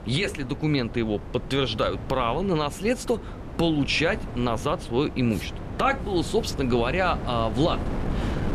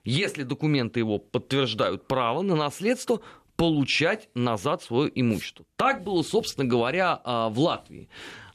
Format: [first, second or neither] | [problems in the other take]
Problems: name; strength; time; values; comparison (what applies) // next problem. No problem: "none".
second | wind noise on the microphone; occasional gusts; 15 dB below the speech